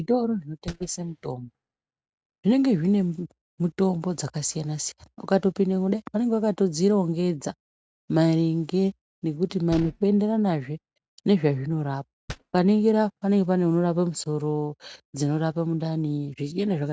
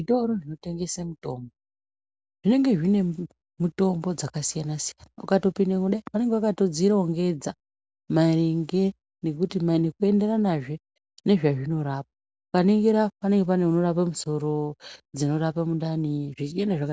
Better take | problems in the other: second | noise reduction (neural mask model RNNoise)

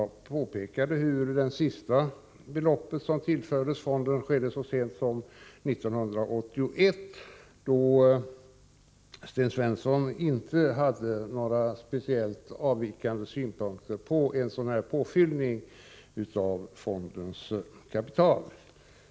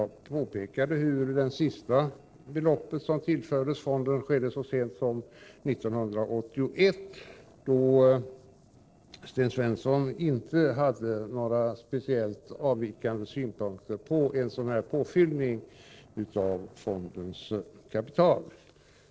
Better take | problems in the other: first | noise reduction (neural separator model SepFormer DNS4)

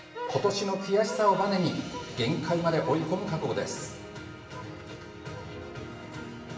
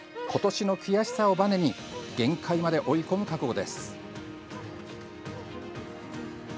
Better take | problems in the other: second | room echo; dies away in 0.9 s

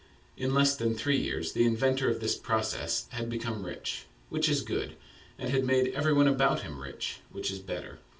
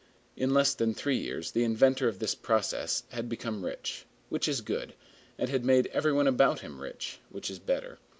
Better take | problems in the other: second | room echo; dies away in 0.2 s

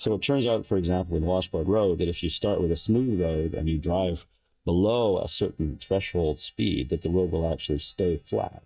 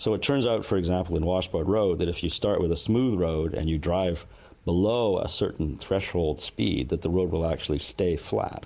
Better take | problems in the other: second | noise reduction (neural mask model DeepFilterNet 3)

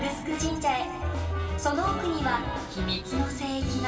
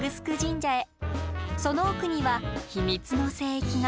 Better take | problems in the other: second | background sound (Wind instrument, woodwind instrument); 14 dB below the speech // room echo; dies away in 2.7 s

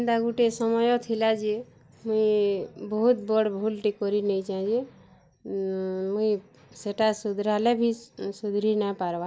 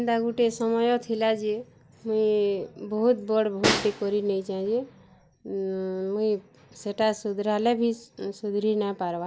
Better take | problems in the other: first | background sound (Snare drum); 7 dB below the speech

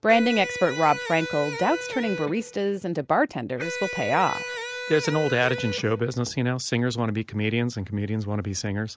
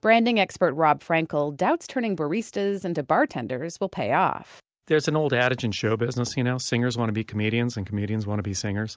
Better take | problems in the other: second | background sound (Electric guitar); 9 dB below the speech

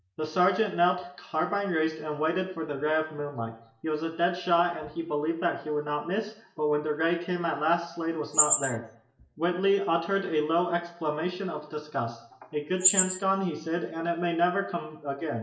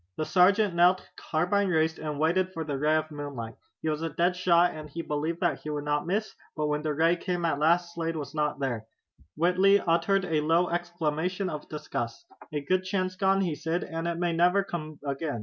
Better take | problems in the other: second | background sound (Chirp, tweet); 2 dB below the speech // room echo; dies away in 0.6 s

